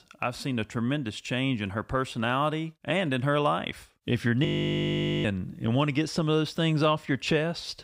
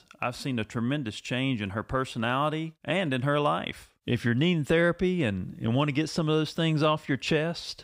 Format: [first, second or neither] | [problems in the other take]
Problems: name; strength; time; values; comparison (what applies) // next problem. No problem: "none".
second | audio freezing; at 4.5 s for 1 s